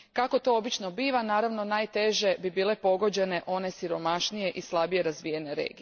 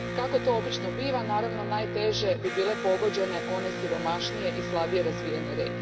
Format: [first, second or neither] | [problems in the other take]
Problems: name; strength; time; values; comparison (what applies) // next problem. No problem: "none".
first | background sound (Electric guitar); 4 dB below the speech // room echo; dies away in 2.4 s